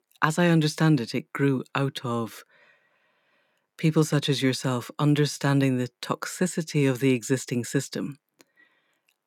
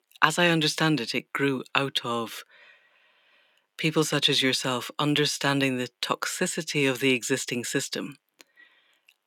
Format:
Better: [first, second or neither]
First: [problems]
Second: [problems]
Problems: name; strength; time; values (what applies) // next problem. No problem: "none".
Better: first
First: none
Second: thin; very slightly; fading below 450 Hz